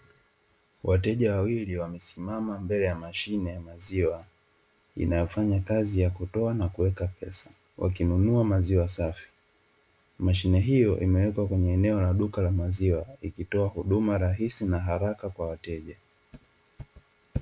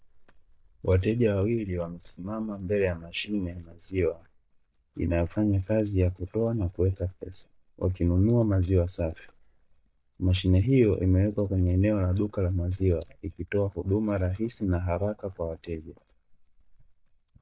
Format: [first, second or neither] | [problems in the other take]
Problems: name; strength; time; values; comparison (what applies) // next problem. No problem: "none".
first | noise reduction (neural mask model DeepFilterNet 3)